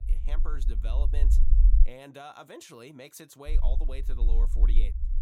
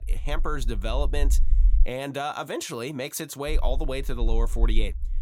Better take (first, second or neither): second